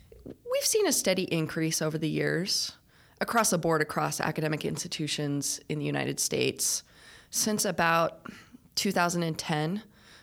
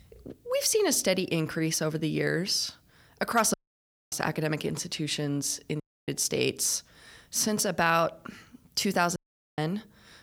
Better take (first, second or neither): first